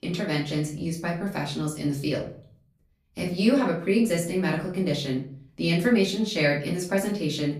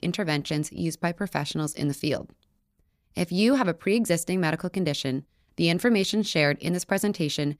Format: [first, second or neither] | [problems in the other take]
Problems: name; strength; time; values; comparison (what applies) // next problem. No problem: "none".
second | off-mic speech; far // room echo; slight; dies away in 0.4 s